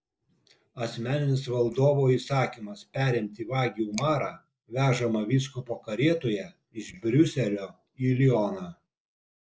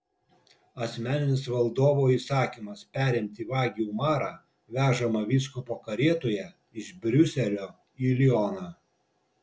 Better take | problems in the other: second | noise reduction (neural mask model Resemble Enhance denoiser)

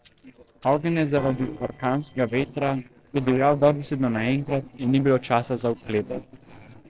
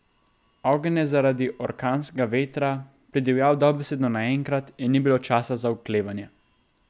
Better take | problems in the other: second | noise reduction (neural separator model SepFormer DNS4)

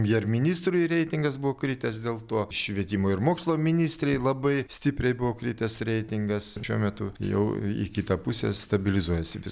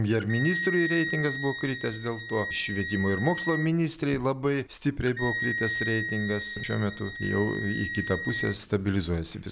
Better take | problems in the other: first | background sound (Wind instrument, woodwind instrument); 6 dB below the speech

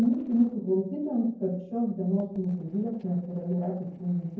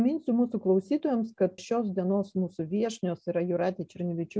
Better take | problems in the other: second | noise reduction (neural separator model SepFormer DNS4)

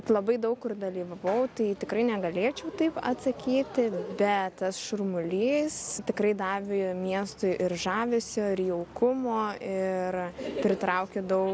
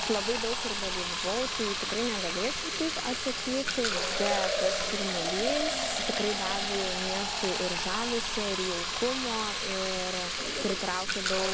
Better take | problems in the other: first | background sound (Fill (with liquid)); 2 dB above the speech

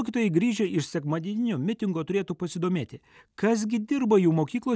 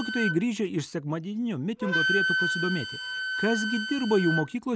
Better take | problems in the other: first | background sound (Wind instrument, woodwind instrument); 2 dB below the speech

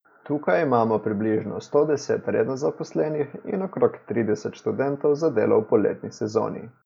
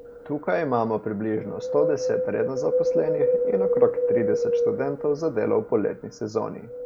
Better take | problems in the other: first | background sound (Wind); as loud as the speech

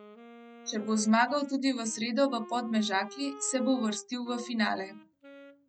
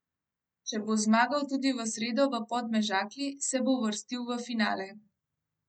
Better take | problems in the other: second | background sound (Wind instrument, woodwind instrument); 19 dB below the speech

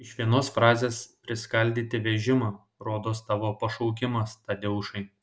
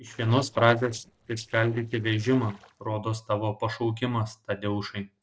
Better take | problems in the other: first | noise reduction (neural separator model SepFormer DNS4)

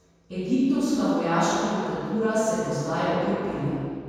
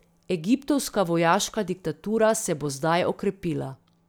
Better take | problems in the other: second | room echo; dies away in 2.1 s

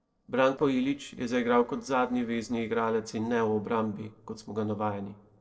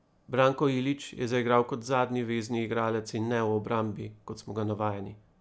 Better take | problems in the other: second | noise reduction (neural separator model SepFormer DNS4)

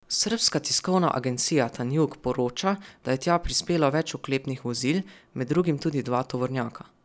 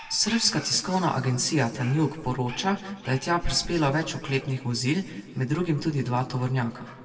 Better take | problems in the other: first | background sound (Dog); 20 dB below the speech // room echo; dies away in 1.3 s

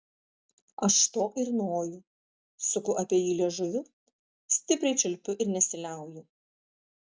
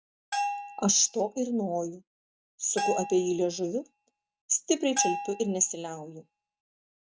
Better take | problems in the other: first | background sound (Bell); 6 dB below the speech

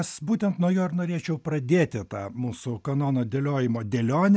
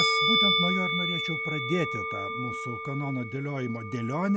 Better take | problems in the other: first | background sound (Musical instrument); 2 dB above the speech

